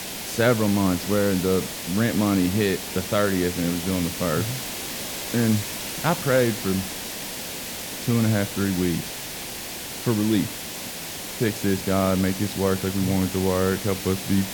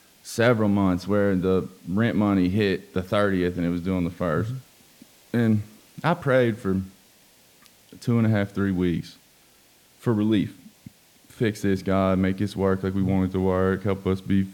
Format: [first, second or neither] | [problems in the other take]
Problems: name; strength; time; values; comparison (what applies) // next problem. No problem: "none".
second | hiss; loud; throughout; 6 dB below the speech; faint in the second